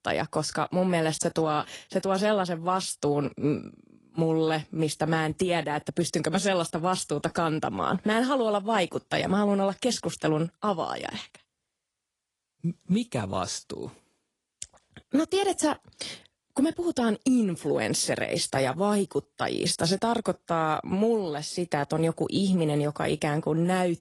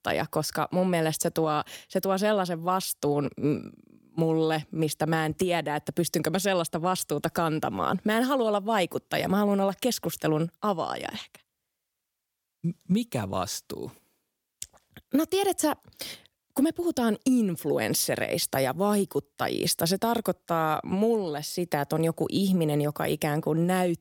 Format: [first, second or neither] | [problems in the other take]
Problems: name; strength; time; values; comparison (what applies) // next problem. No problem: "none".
second | garbled, watery; slightly; nothing above 11 kHz